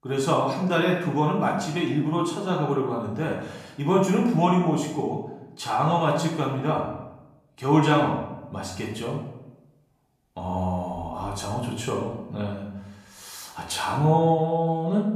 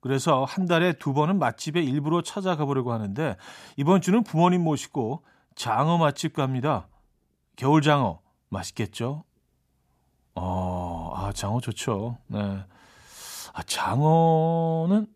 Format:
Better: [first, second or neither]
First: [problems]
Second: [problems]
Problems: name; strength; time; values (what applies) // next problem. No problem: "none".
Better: second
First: room echo; noticeable; dies away in 0.7 s // off-mic speech; far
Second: none